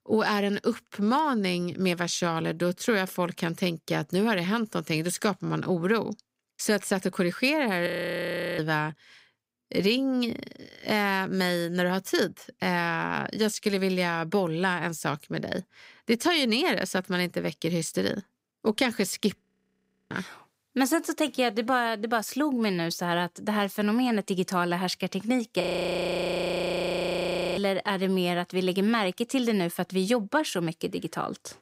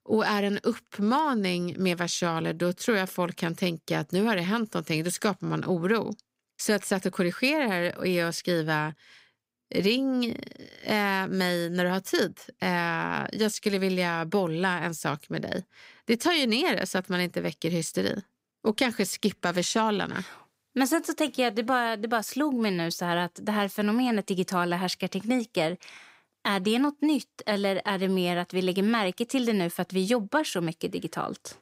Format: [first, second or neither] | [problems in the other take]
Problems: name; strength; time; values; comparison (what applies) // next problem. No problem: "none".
second | audio freezing; at 8 s for 0.5 s, at 19 s for 0.5 s and at 26 s for 2 s